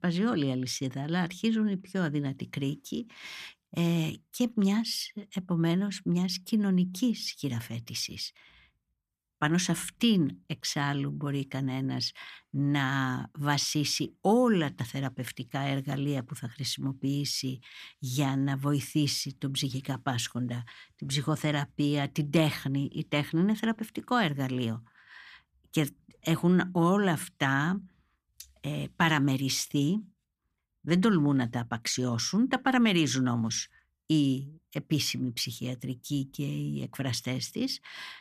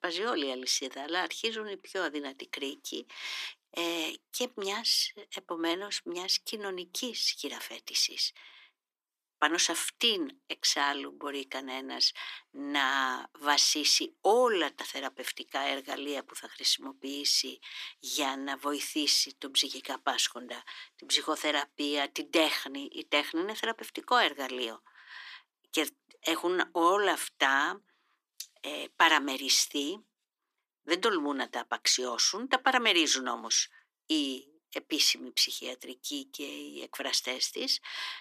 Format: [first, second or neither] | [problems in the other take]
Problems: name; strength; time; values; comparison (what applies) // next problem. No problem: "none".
first | thin; very; fading below 350 Hz